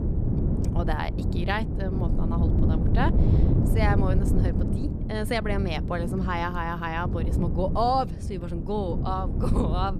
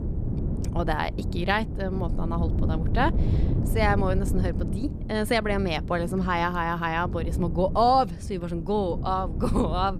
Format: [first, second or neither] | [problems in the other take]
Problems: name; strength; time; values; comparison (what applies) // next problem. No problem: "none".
second | wind noise on the microphone; heavy; 7 dB below the speech; occasional gusts in the second